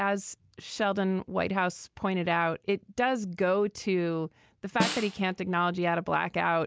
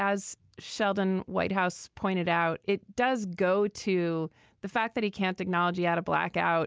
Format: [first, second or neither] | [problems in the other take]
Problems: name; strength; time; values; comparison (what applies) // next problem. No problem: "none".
second | background sound (Snare drum); 7 dB below the speech